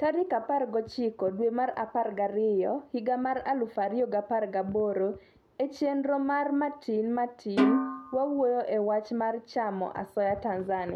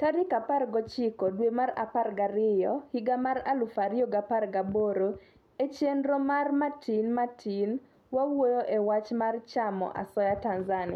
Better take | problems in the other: second | background sound (Snare drum); 2 dB below the speech

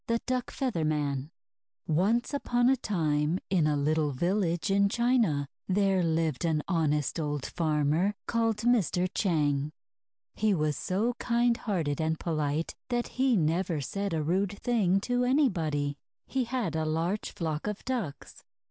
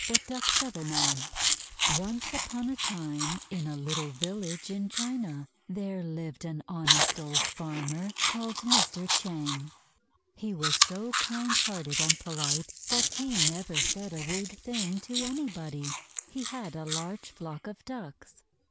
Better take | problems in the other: first | noise reduction (neural mask model Resemble Enhance denoiser)

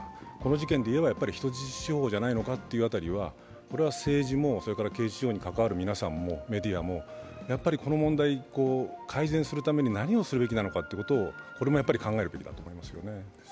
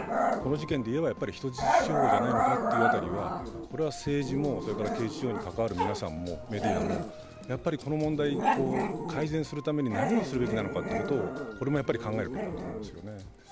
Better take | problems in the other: first | background sound (Growling); as loud as the speech

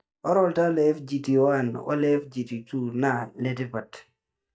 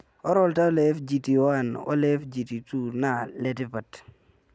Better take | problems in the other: second | noise reduction (neural mask model DeepFilterNet 3)

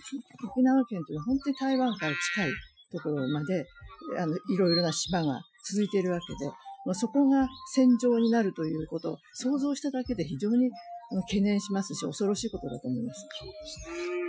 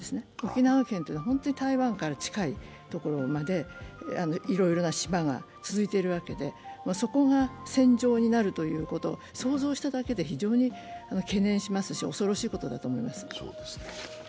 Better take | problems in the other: second | noise reduction (classical method Wiener filter)

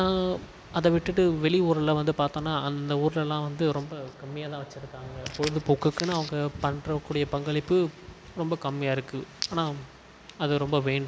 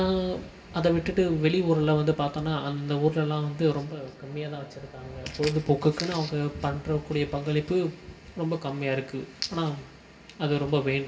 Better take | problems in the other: first | room echo; dies away in 1.6 s

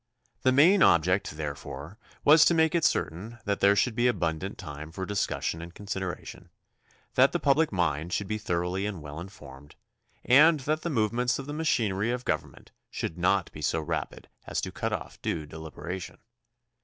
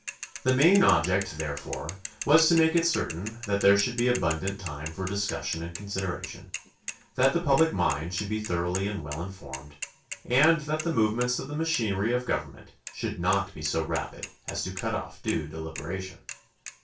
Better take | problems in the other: first | background sound (Mechanisms / Bicycle); 14 dB below the speech // room echo; dies away in 0.2 s

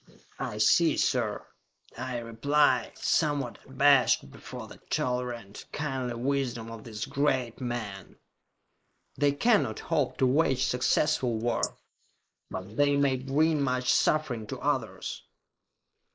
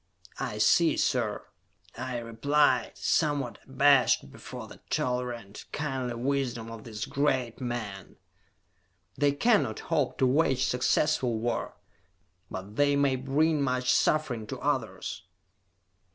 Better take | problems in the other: second | noise reduction (neural mask model Resemble Enhance denoiser)

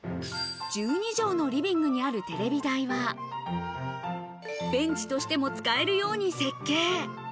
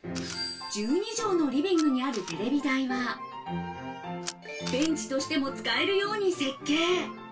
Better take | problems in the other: first | background sound (Camera); 19 dB below the speech // room echo; dies away in 0.2 s

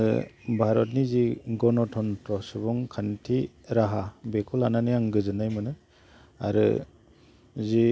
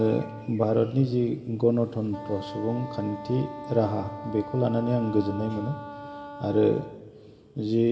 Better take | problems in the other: first | background sound (Wind instrument, woodwind instrument); 14 dB below the speech // room echo; dies away in 1.9 s

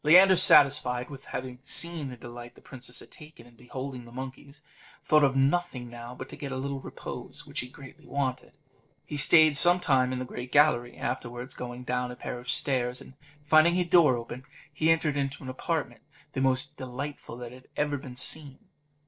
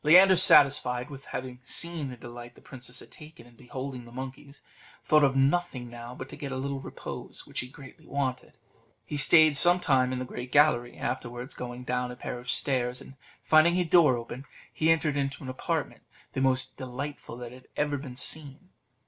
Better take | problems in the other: second | noise reduction (neural separator model SepFormer DNS4)

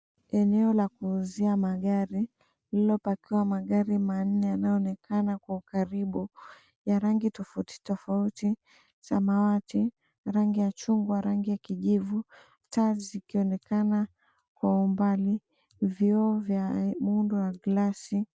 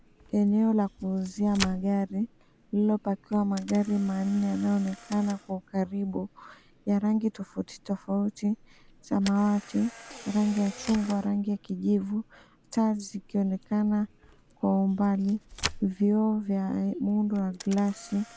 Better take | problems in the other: first | background sound (Camera); 17 dB below the speech

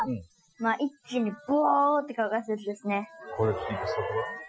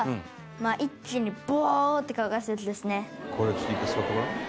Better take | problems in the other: second | noise reduction (classical method Wiener filter)

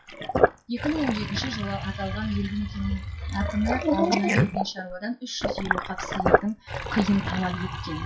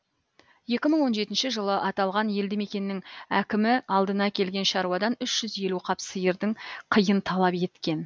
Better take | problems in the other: second | noise reduction (classical method WPE with log-MMSE)

